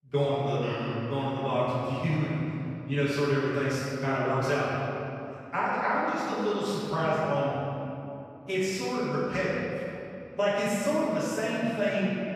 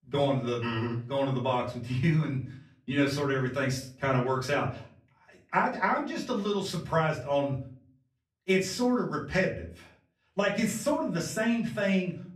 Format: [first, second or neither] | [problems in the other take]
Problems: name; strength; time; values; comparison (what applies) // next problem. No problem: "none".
second | room echo; strong; dies away in 2.6 s; slight in the second // off-mic speech; far; far in the second